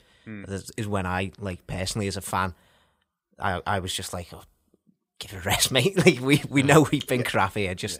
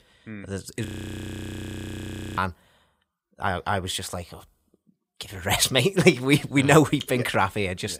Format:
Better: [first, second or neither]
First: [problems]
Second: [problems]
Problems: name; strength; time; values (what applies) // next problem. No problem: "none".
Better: first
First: none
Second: audio freezing; at 1 s for 1.5 s